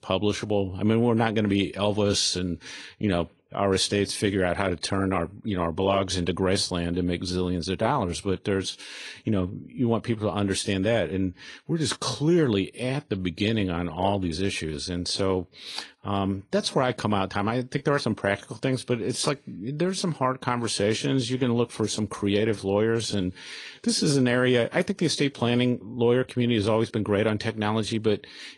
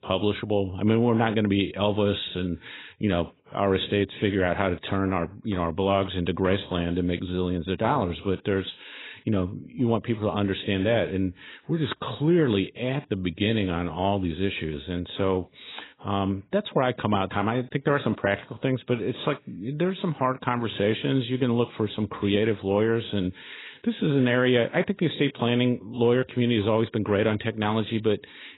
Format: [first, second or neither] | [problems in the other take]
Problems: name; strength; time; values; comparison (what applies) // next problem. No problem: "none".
first | garbled, watery; badly; nothing above 4 kHz; slightly in the first